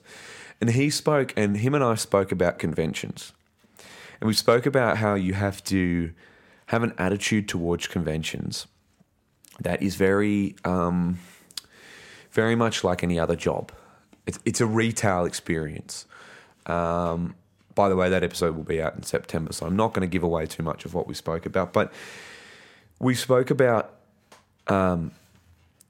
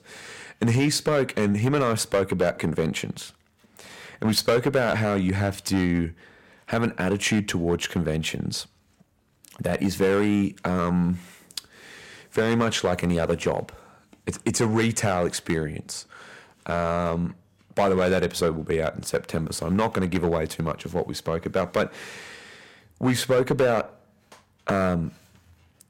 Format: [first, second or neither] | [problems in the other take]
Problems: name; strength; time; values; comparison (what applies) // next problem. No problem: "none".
first | distortion; slight; 3% of the sound clipped